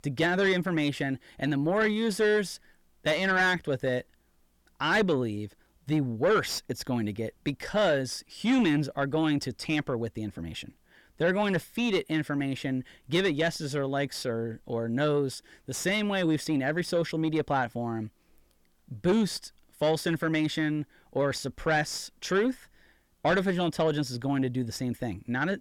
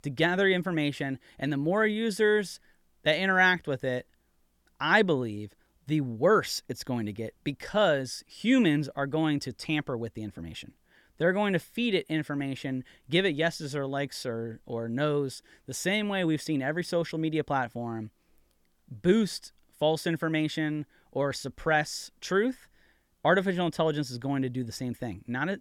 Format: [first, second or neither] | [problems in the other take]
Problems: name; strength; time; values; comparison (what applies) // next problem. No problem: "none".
second | distortion; slight; 10 dB below the speech